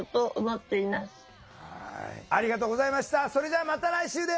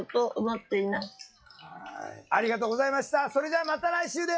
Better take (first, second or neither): first